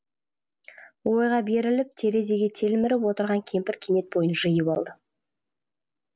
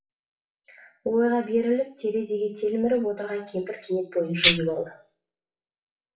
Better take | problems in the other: first | noise reduction (classical method WPE with log-MMSE)

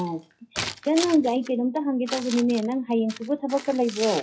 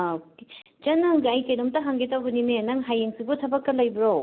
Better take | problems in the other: second | noise reduction (classical method WPE with log-MMSE)

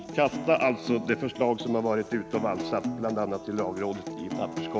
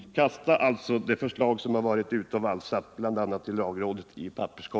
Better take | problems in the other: second | background sound (Acoustic guitar); 8 dB below the speech

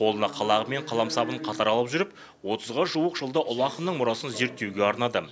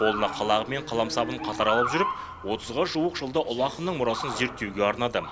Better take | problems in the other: first | background sound (Motor vehicle (road) / Siren); 8 dB below the speech

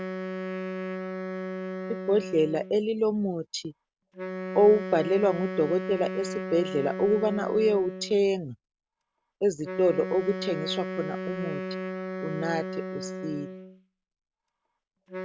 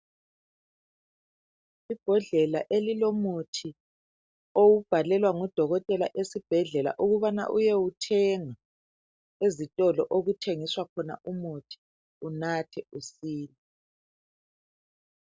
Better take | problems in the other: second | background sound (Wind instrument, woodwind instrument); 7 dB below the speech

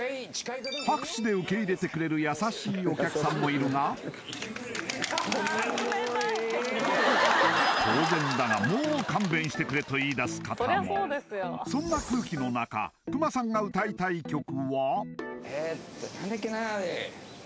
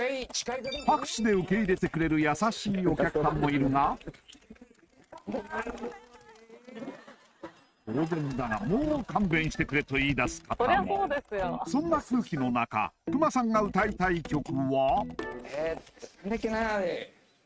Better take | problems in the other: first | noise reduction (neural mask model RNNoise)

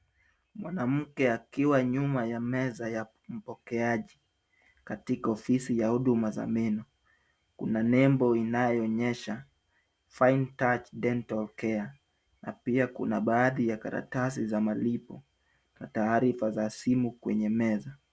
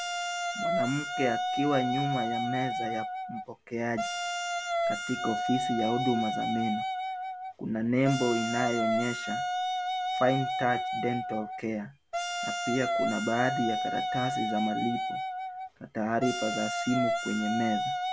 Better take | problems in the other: first | background sound (Wind instrument, woodwind instrument); as loud as the speech

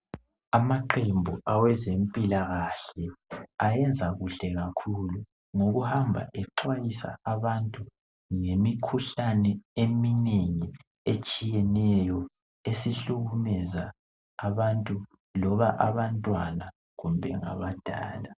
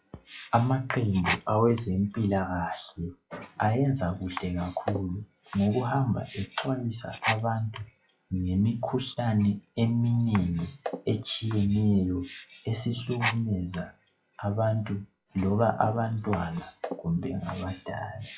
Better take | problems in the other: first | noise reduction (classical method log-MMSE)

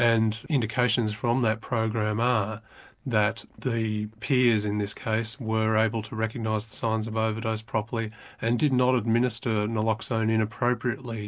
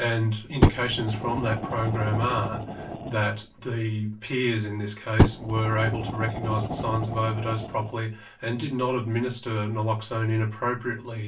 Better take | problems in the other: first | background sound (Fire); 1 dB below the speech // room echo; dies away in 0.2 s

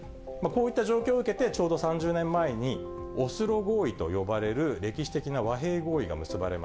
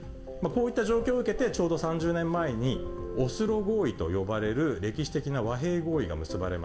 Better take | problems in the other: first | background sound (Subway, metro, underground / Doorbell); 12 dB below the speech // room echo; dies away in 0.7 s

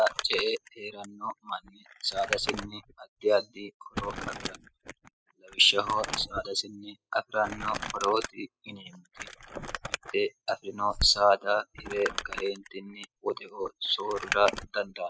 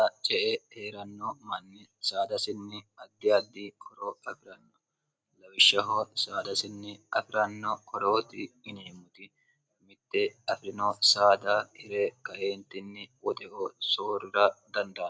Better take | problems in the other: second | noise reduction (classical method spectral subtraction)

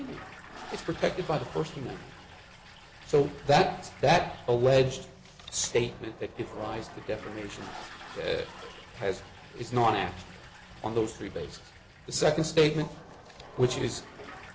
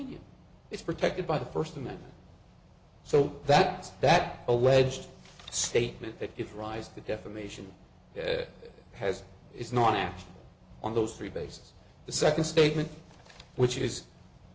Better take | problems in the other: second | background sound (Toilet flush); 17 dB below the speech

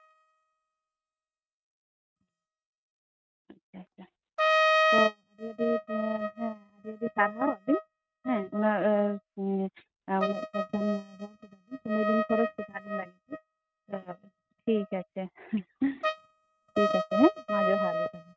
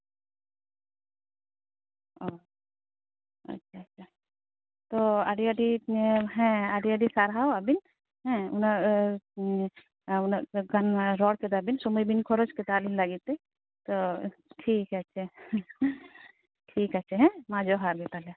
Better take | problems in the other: second | noise reduction (neural mask model RNNoise)

